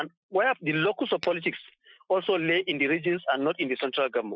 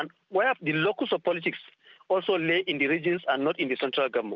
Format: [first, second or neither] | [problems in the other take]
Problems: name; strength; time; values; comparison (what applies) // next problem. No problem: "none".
second | noise reduction (classical method Wiener filter)